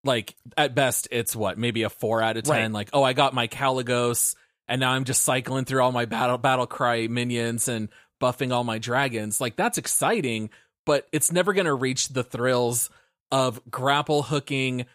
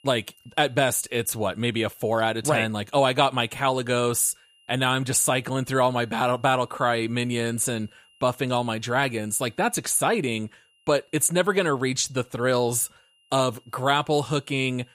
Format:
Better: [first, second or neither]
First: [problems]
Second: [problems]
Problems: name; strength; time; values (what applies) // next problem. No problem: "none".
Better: first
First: none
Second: high-pitched whine; faint; throughout; 3 kHz, 35 dB below the speech